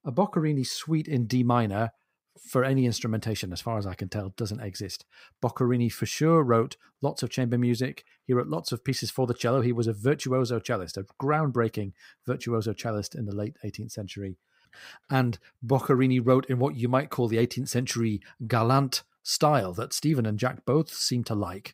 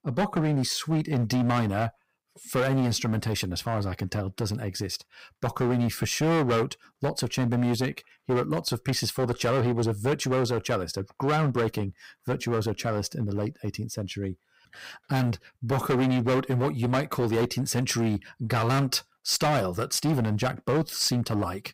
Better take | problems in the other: first | distortion; heavy; 12% of the sound clipped

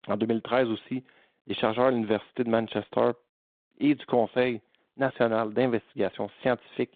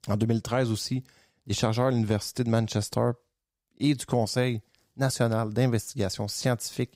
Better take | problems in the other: second | phone-call audio; nothing above 3.5 kHz

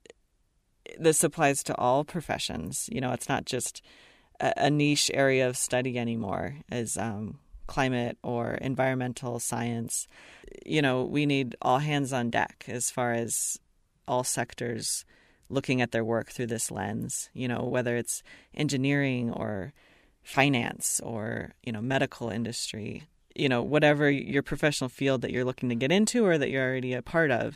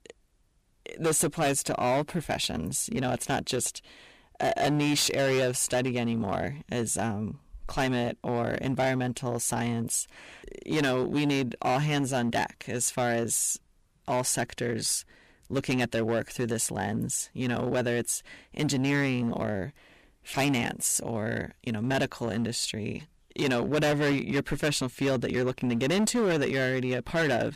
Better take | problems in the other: first | distortion; heavy; 10% of the sound clipped

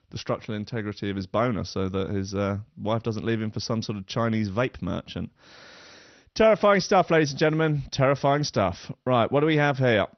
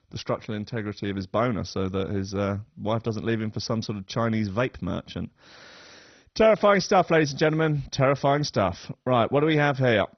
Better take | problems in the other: first | garbled, watery; badly; nothing above 6 kHz; slightly in the first

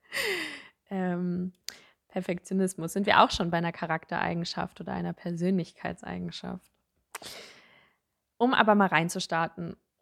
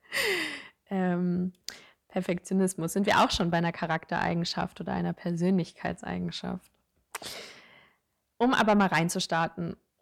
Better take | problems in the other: first | distortion; slight; 10 dB below the speech

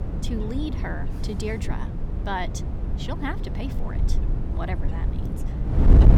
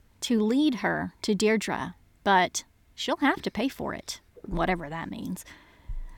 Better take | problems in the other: second | wind noise on the microphone; heavy; 4 dB below the speech

